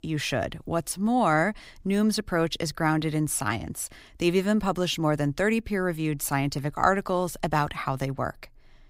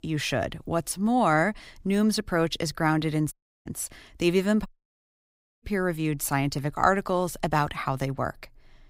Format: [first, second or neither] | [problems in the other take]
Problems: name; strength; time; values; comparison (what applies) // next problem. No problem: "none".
first | audio cutting out; at 3.5 s and at 4.5 s for 1 s